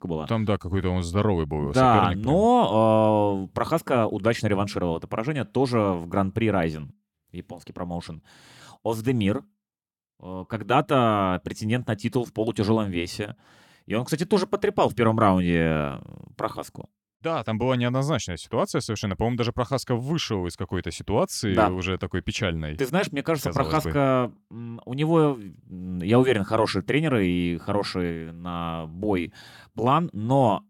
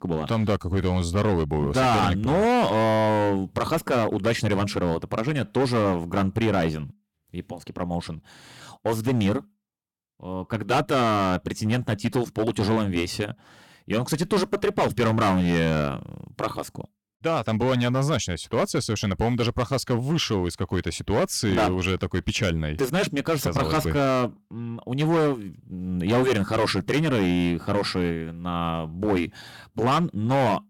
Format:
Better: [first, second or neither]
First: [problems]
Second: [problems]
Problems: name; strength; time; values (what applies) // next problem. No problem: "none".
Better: first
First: none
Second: distortion; heavy; 11% of the sound clipped